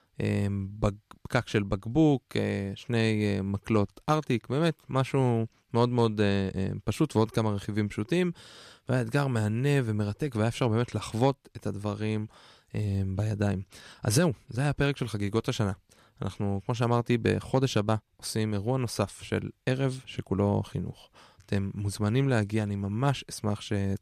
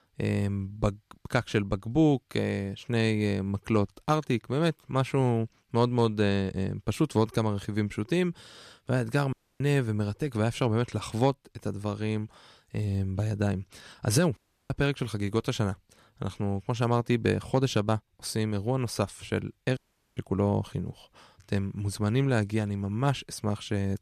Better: first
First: none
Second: audio cutting out; at 9.5 s, at 14 s and at 20 s

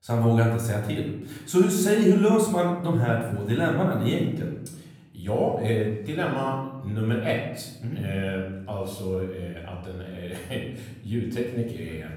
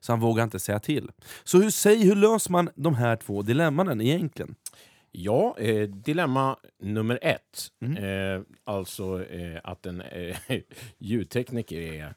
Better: second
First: off-mic speech; far // room echo; noticeable; dies away in 0.9 s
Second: none

